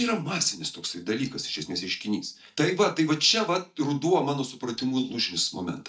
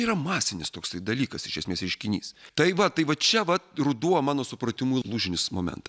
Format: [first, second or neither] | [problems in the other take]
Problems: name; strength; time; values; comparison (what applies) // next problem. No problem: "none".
second | noise reduction (neural mask model DeepFilterNet 3)